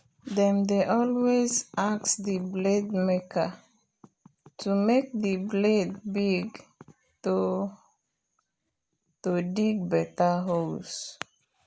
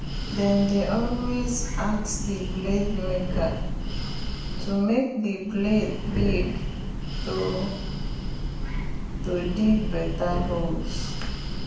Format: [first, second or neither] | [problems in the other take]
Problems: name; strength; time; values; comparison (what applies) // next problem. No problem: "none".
first | background sound (Breathing); 1 dB below the speech // room echo; dies away in 0.9 s